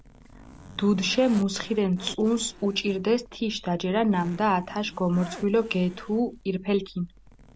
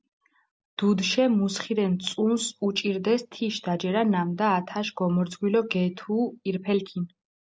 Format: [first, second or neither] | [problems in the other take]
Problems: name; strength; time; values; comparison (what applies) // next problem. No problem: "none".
second | background sound (Zipper (clothing)); 19 dB below the speech